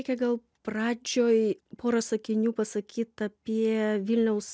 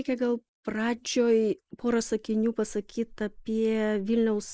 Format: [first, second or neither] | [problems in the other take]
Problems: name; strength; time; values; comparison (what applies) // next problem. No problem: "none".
first | noise reduction (neural mask model Resemble Enhance denoiser)